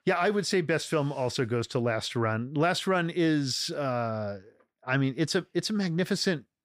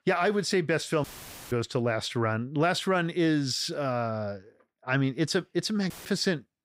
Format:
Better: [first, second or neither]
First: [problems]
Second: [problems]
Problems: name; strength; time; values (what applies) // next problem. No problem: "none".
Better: first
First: none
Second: audio cutting out; filled with static; at 1 s and at 6 s